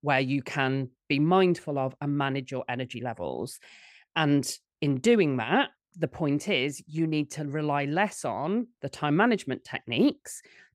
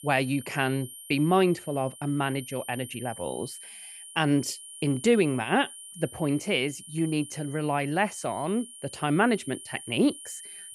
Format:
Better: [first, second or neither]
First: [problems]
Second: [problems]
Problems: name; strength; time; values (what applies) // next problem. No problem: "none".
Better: first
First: none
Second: high-pitched whine; noticeable; throughout; 9 kHz, 15 dB below the speech